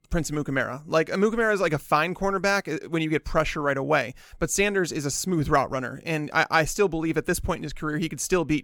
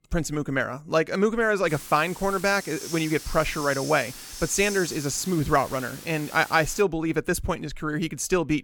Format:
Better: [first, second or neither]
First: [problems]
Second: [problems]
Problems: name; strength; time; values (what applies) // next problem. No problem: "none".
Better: first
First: none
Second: hiss; noticeable; from 1.5 to 7 s; 10 dB below the speech